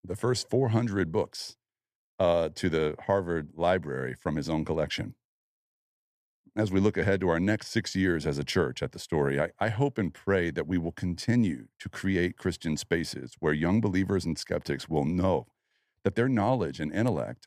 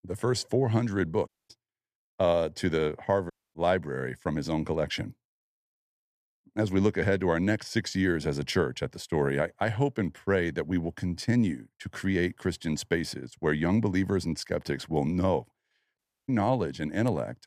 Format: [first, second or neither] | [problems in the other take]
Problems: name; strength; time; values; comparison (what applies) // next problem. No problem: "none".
first | audio cutting out; at 1.5 s, at 3.5 s and at 16 s